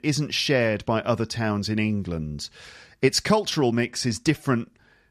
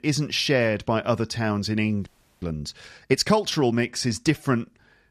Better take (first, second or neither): first